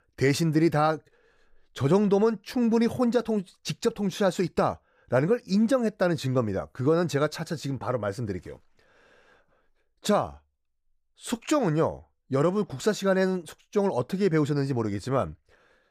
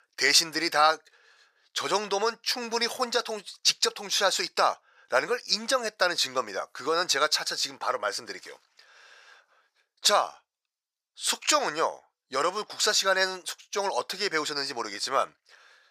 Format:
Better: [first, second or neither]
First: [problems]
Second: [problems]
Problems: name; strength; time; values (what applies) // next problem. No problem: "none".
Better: first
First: none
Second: thin; very; fading below 950 Hz